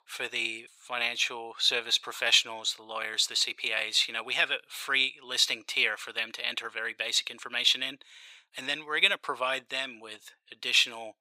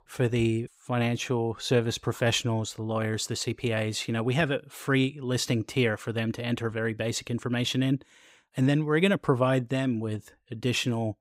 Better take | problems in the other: second | thin; very; fading below 950 Hz

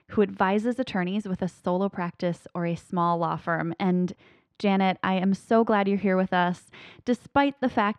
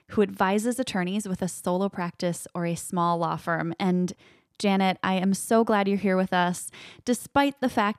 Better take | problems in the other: second | muffled; slightly; fading above 3 kHz

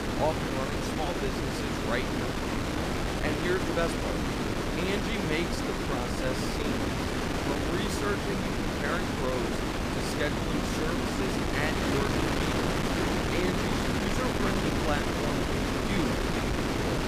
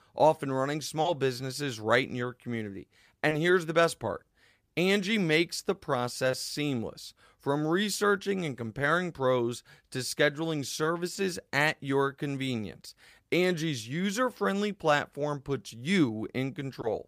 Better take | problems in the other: second | wind noise on the microphone; heavy; 4 dB above the speech

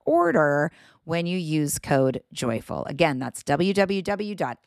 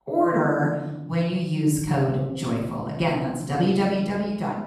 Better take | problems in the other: first | off-mic speech; far // room echo; noticeable; dies away in 1.2 s

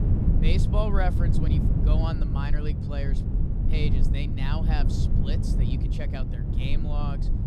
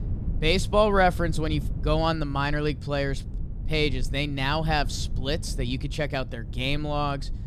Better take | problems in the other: second | low rumble; loud; throughout; 2 dB below the speech; faint in the second

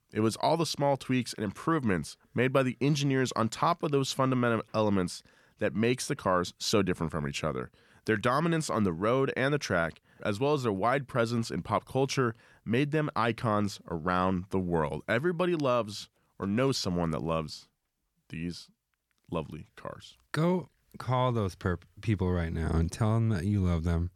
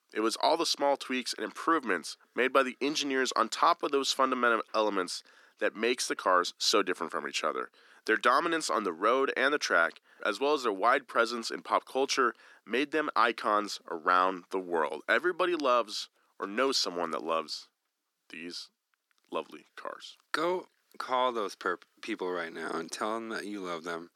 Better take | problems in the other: first | thin; somewhat; fading below 300 Hz

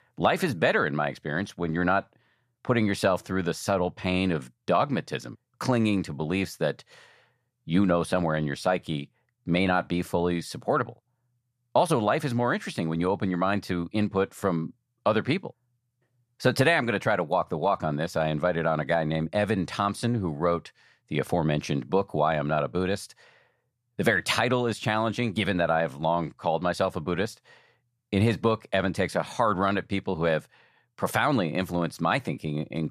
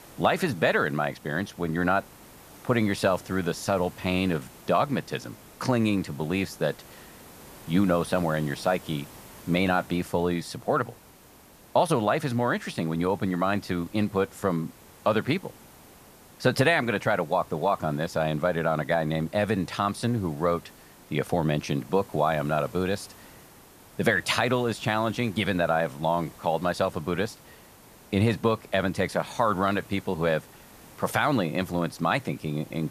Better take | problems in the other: first | hiss; faint; throughout; 20 dB below the speech

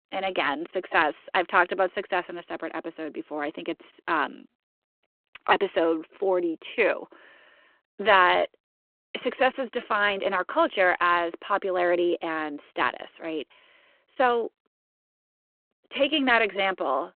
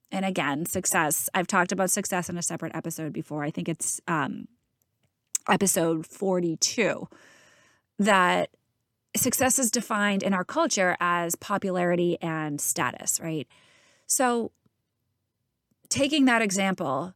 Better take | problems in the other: second | phone-call audio

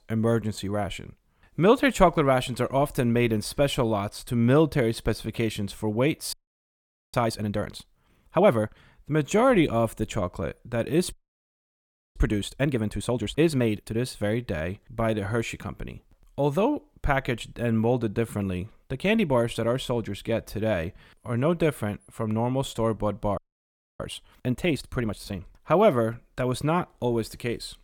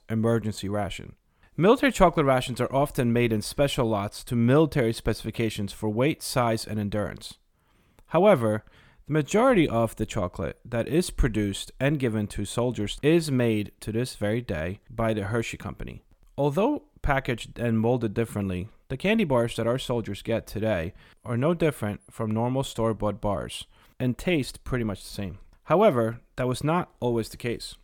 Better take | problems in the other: second | audio freezing; at 6.5 s for 1 s, at 11 s for 1 s and at 23 s for 0.5 s

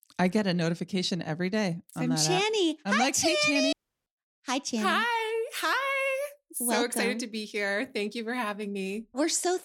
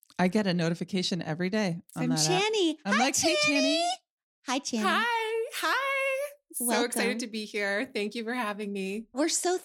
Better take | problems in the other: second | audio cutting out; at 3.5 s

